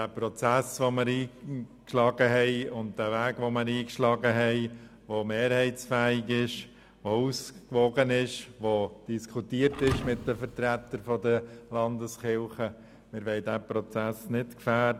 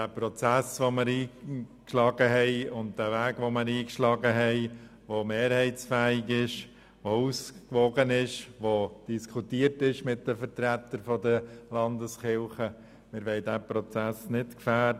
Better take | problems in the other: second | background sound (Thump, thud); 12 dB below the speech

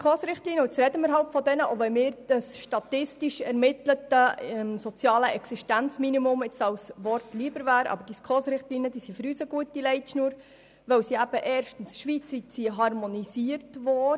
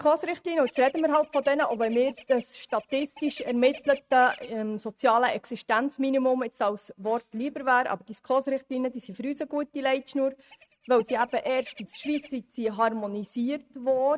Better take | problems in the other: first | noise reduction (neural mask model RNNoise)

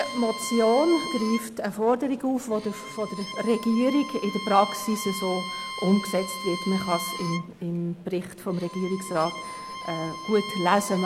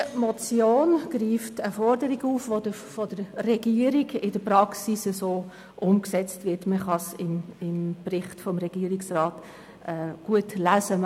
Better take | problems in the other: second | background sound (Bowed string instrument); 10 dB below the speech

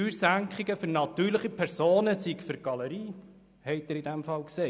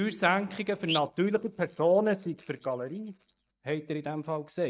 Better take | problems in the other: first | noise reduction (neural mask model DeepFilterNet 3)

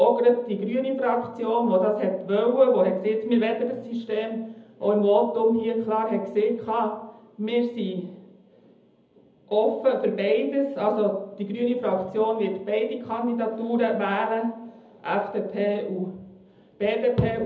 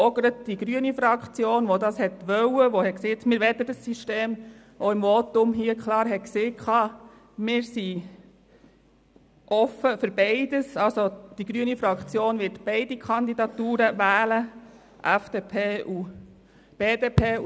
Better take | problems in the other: second | room echo; dies away in 0.7 s

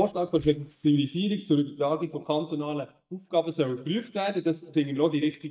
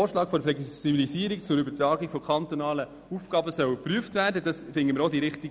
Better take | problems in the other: second | noise reduction (neural mask model DeepFilterNet 3)

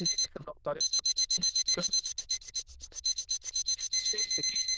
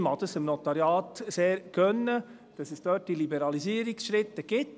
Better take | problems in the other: second | noise reduction (neural diffusion model UNIVERSE++)

